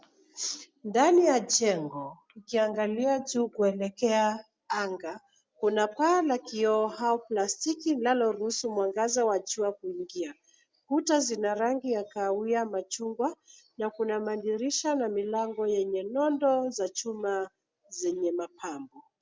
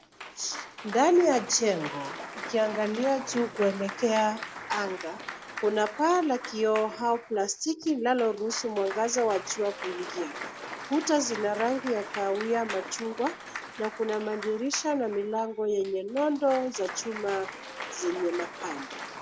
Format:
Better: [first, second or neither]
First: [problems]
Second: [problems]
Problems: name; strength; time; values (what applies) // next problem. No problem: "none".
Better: first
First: none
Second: background sound (Applause / Cheering); 12 dB below the speech